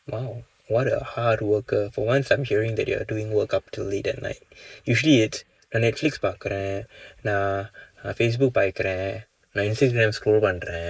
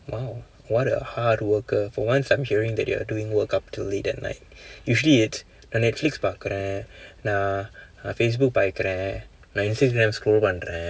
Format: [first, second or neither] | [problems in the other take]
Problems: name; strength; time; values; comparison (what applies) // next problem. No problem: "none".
second | noise reduction (neural mask model Resemble Enhance denoiser)